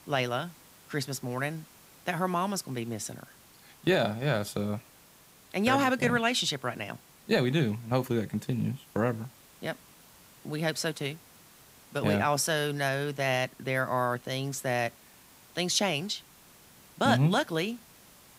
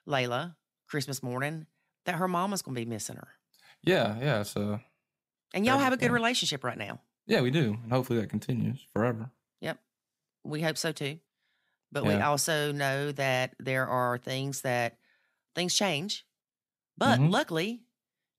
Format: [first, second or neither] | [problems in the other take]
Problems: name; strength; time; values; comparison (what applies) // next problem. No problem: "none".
second | hiss; faint; throughout; 25 dB below the speech